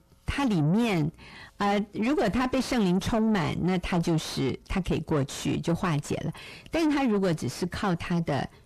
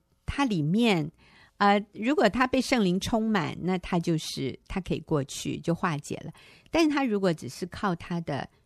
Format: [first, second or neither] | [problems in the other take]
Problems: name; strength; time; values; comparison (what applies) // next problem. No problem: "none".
second | distortion; heavy; 6 dB below the speech